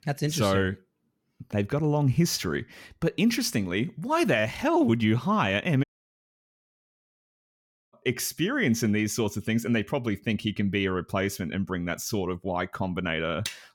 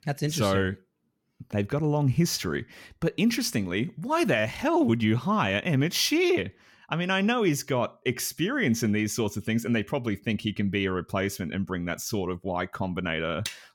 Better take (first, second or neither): second